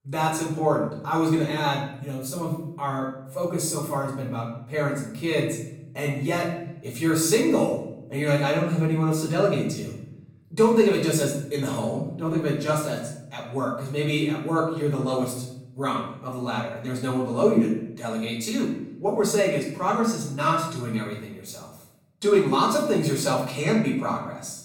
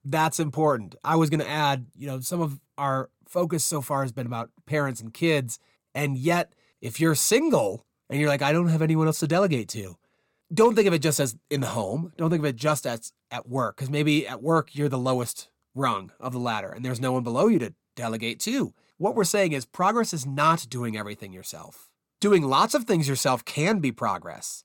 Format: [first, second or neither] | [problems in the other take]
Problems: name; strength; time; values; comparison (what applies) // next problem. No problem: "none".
second | off-mic speech; far // room echo; noticeable; dies away in 0.7 s